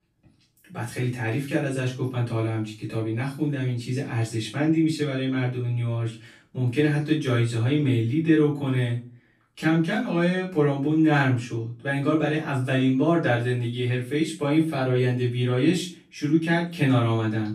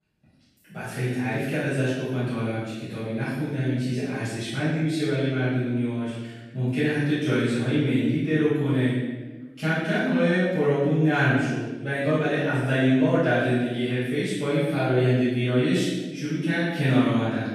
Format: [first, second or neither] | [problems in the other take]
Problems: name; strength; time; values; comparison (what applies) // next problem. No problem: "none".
first | room echo; strong; dies away in 1.1 s; slight in the first // off-mic speech; far; far in the first